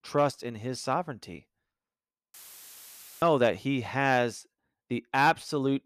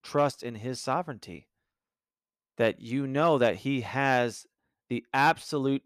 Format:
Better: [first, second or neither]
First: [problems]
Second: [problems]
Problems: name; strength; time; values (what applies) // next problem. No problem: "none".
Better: second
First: audio cutting out; filled with static; at 2.5 s for 1 s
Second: none